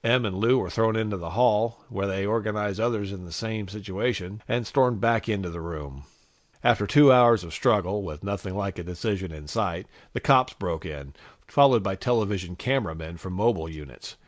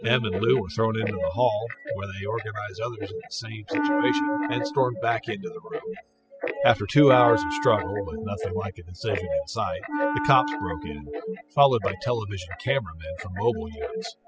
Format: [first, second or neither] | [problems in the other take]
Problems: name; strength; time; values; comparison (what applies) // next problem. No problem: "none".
first | noise reduction (classical method spectral subtraction)